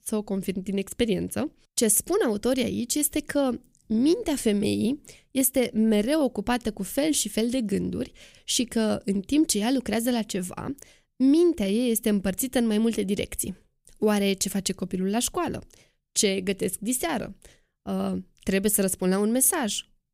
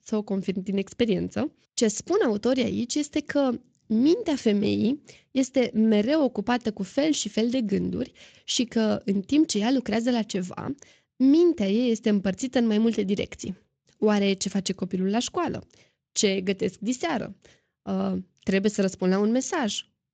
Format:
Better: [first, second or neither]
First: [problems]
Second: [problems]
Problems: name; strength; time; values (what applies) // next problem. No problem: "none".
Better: first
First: none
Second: garbled, watery; slightly; nothing above 7.5 kHz